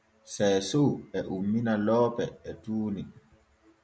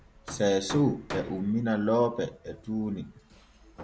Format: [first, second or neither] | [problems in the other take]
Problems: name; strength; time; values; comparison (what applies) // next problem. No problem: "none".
first | background sound (Hammer); 15 dB below the speech